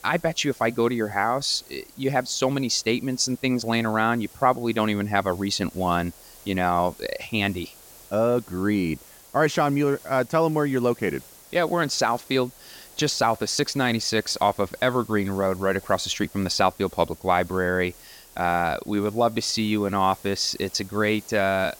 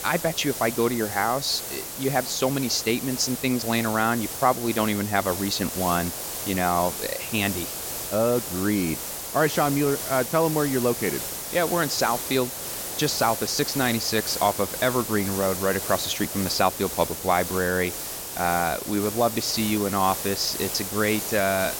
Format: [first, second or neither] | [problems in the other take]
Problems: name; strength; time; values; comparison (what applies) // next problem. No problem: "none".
first | hiss; loud; throughout; 5 dB below the speech; faint in the first